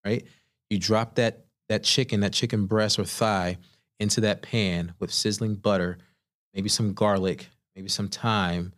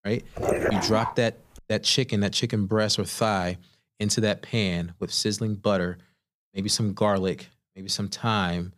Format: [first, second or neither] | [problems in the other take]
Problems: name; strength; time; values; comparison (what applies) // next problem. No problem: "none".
first | dog barking; loud; at 0.5 s; peak level with the speech